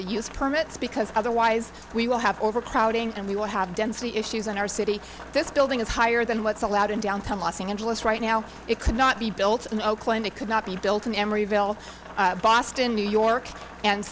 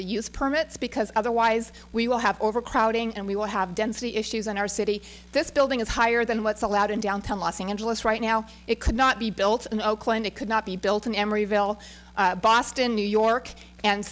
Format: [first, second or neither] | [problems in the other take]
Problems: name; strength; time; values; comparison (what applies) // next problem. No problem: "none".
second | background sound (Rain); 18 dB below the speech